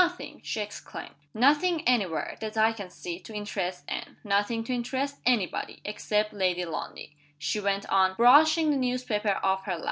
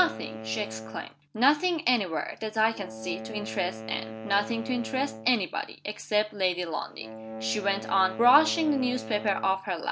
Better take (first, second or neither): first